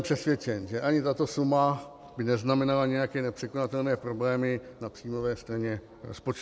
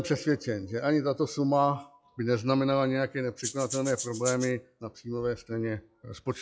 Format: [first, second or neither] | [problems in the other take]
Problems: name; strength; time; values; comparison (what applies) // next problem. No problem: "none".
first | noise reduction (classical method log-MMSE)